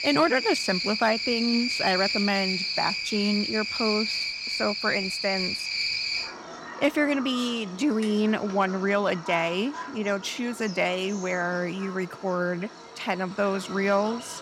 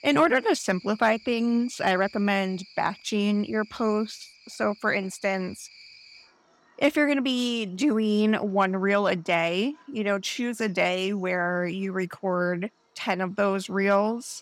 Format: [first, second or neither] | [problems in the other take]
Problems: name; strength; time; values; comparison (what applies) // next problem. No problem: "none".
second | animal sounds; loud; throughout; 2 dB below the speech; faint in the second